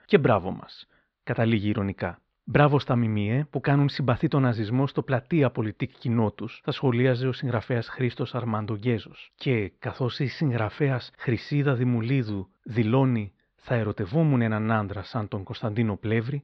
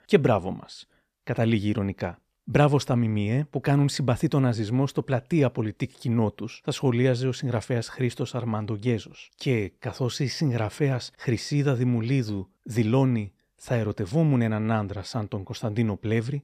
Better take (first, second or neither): second